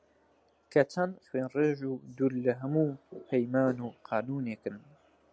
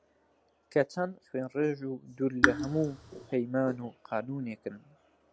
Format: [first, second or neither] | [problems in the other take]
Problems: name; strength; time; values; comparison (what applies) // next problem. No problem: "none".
first | background sound (Raindrop / Drip); 3 dB above the speech